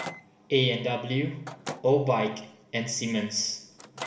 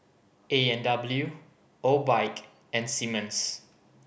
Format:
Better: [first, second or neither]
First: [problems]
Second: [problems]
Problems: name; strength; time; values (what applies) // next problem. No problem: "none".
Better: second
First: background sound (Microwave oven); 15 dB below the speech // room echo; dies away in 0.7 s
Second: none